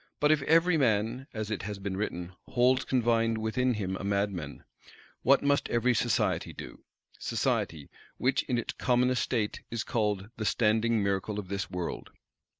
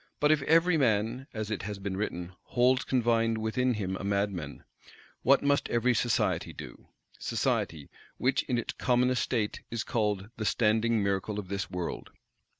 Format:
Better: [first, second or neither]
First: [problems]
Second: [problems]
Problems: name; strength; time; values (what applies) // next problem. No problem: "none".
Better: second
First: noise reduction (neural mask model Resemble Enhance denoiser)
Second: none